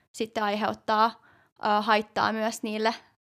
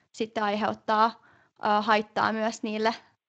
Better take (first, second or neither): first